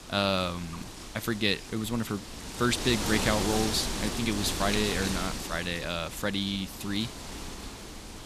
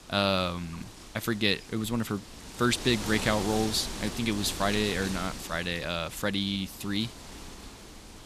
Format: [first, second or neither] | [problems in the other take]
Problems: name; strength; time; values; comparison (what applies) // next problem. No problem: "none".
second | wind noise on the microphone; heavy; 5 dB below the speech; occasional gusts in the second